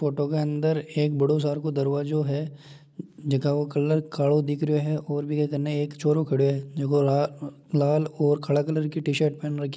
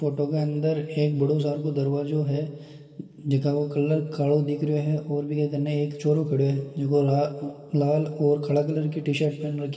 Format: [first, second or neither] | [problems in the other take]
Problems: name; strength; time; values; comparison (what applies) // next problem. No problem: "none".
first | room echo; dies away in 2 s